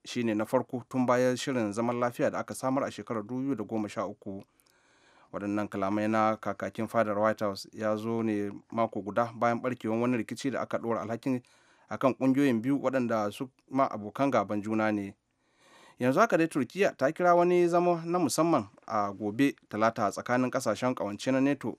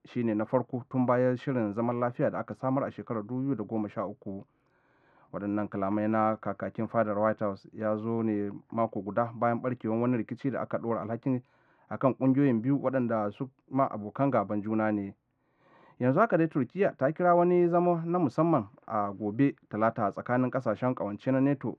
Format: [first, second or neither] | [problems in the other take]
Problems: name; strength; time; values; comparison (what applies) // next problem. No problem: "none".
first | muffled; very; fading above 1.5 kHz